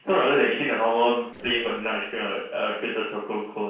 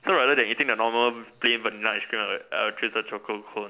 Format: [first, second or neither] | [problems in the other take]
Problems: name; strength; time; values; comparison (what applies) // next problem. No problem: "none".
second | noise reduction (neural separator model SepFormer DNS4)